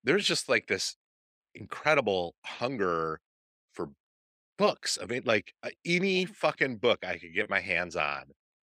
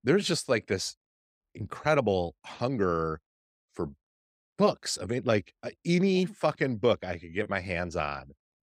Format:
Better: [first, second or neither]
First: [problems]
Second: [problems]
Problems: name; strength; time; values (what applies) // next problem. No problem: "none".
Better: second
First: thin; very slightly; fading below 300 Hz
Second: none